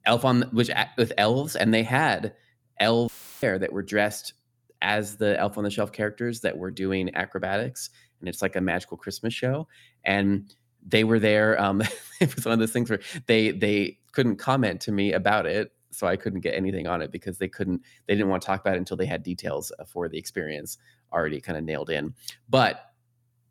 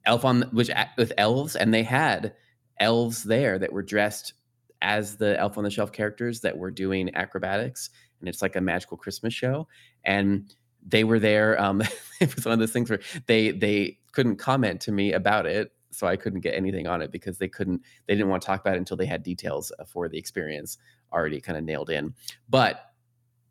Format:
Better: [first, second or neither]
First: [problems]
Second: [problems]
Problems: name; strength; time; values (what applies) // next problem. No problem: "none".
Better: second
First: audio cutting out; filled with static; at 3 s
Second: none